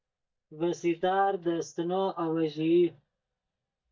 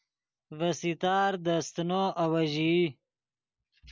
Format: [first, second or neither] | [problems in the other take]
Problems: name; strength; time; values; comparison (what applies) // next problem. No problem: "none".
second | noise reduction (neural mask model DeepFilterNet 3)